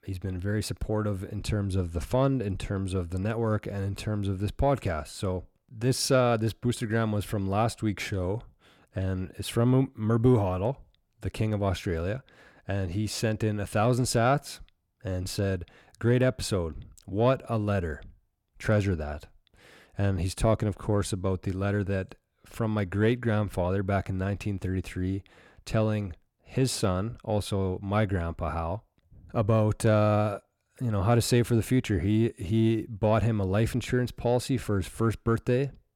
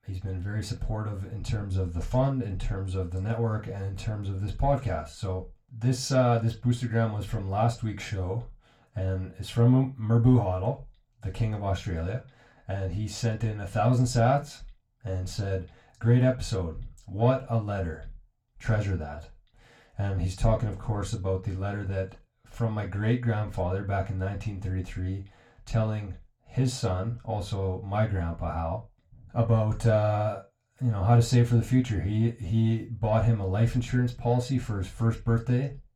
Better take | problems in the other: first | room echo; slight; dies away in 0.2 s // off-mic speech; far

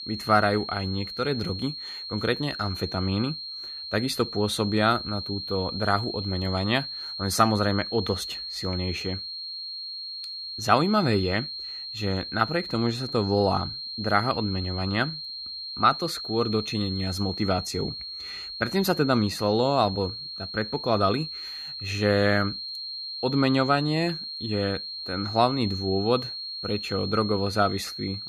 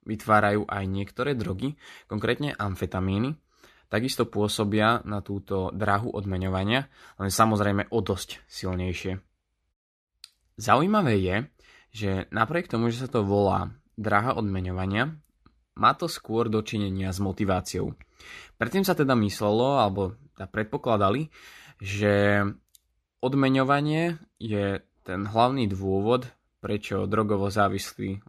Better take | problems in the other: second | high-pitched whine; loud; throughout; 4 kHz, 7 dB below the speech

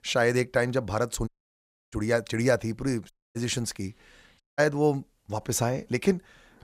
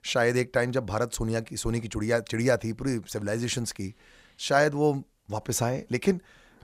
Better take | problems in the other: second | audio cutting out; at 1.5 s for 0.5 s, at 3 s and at 4.5 s

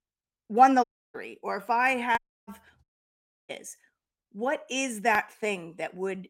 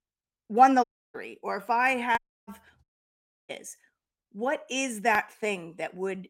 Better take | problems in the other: neither | audio cutting out; at 1 s, at 2 s and at 3 s for 0.5 s; the same in both

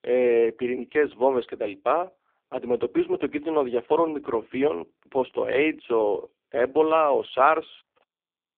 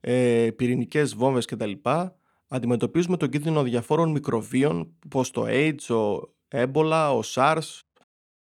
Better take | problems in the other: second | phone-call audio; poor line

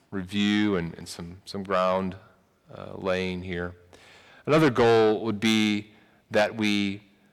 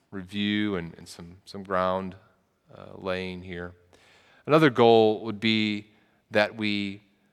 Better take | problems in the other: second | distortion; heavy; 7 dB below the speech

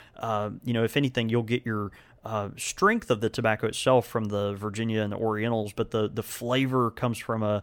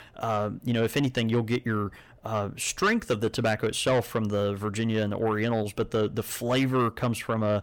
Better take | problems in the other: first | distortion; slight; 10 dB below the speech

